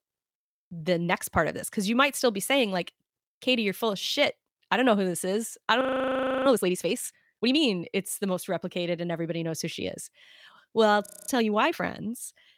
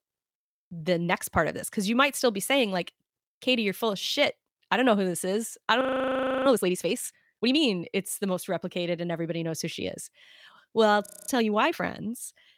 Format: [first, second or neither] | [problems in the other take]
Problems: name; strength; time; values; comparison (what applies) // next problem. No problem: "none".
neither | audio freezing; at 6 s for 0.5 s and at 11 s; the same in both